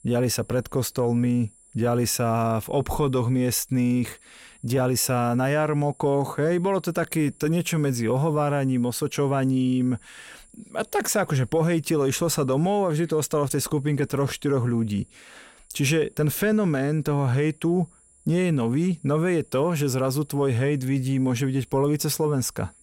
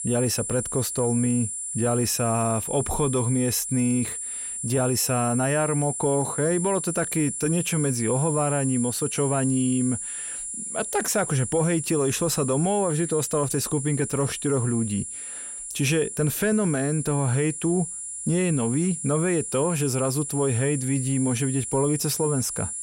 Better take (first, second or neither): first